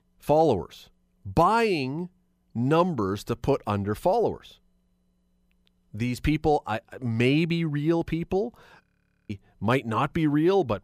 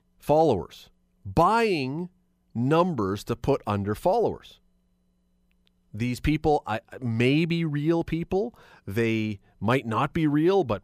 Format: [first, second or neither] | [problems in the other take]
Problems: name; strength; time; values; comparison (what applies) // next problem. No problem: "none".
second | audio freezing; at 9 s